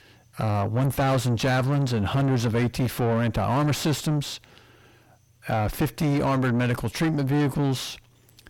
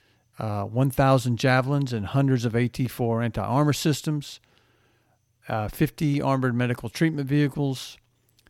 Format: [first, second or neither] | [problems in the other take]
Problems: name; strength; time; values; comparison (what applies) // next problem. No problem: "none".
second | distortion; heavy; 5 dB below the speech